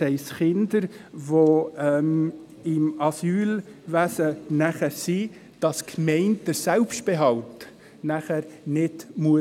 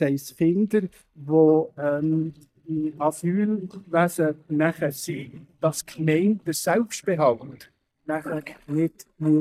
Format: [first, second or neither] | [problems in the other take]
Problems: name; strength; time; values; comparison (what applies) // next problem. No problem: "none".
first | noise reduction (neural mask model DeepFilterNet 3)